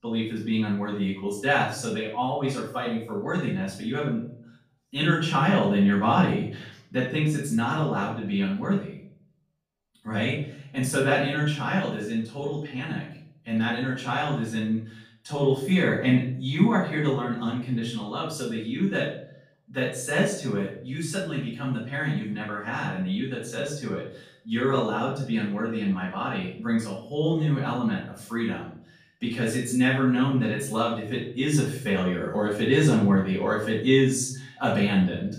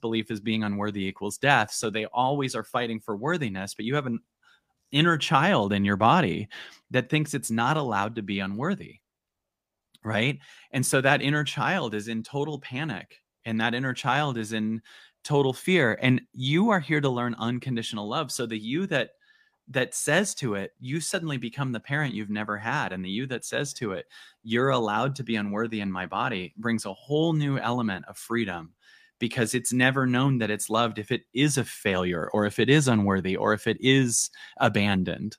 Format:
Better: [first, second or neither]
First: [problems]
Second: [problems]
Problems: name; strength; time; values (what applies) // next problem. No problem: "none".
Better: second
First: off-mic speech; far // room echo; noticeable; dies away in 0.5 s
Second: none